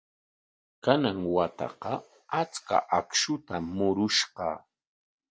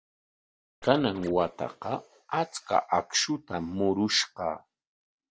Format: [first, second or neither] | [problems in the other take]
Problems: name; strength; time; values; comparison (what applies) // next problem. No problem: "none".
first | background sound (Scratching (performance technique)); 17 dB below the speech